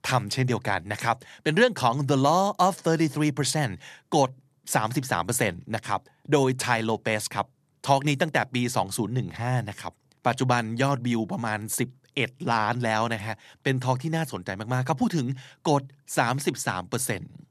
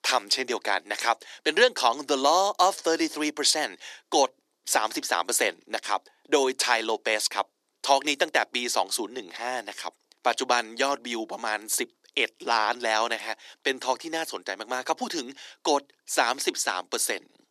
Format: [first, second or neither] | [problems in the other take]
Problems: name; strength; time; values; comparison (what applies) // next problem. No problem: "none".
first | thin; somewhat; fading below 300 Hz